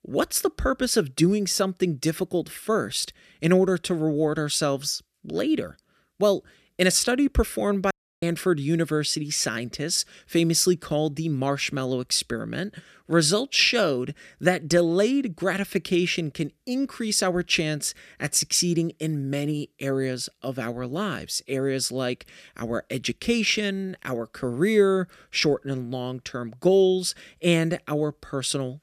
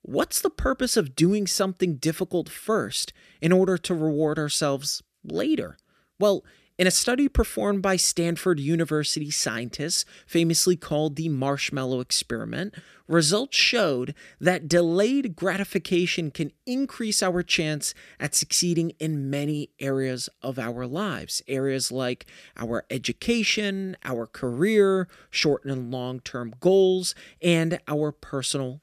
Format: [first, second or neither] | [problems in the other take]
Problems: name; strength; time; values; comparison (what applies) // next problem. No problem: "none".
second | audio cutting out; at 8 s